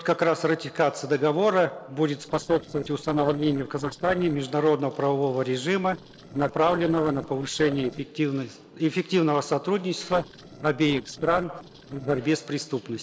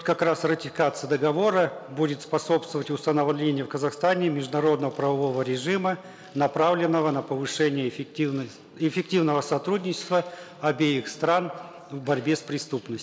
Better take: second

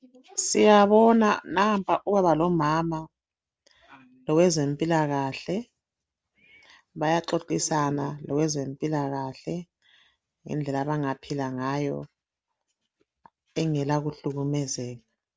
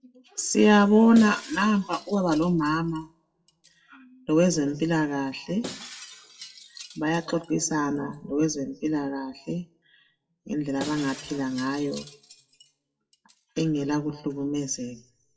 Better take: first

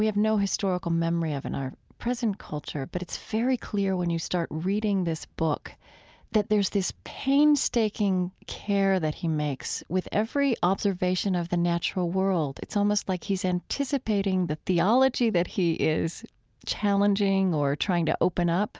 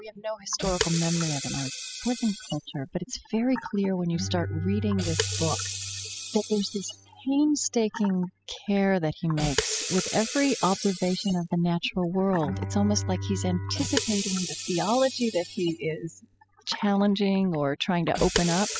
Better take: first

